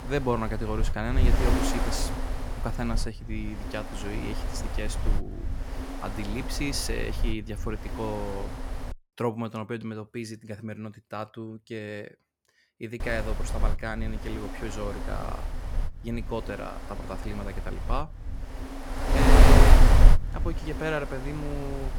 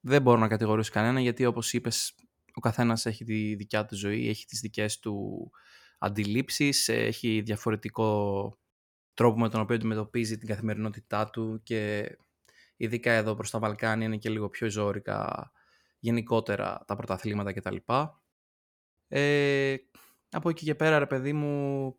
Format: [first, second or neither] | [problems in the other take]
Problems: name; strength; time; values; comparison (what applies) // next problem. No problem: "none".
second | wind noise on the microphone; heavy; until 9 s and from 13 s on; 1 dB above the speech